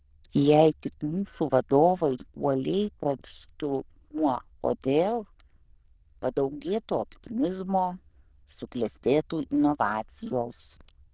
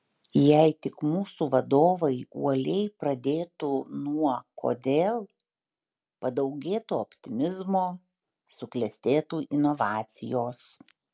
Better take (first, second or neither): second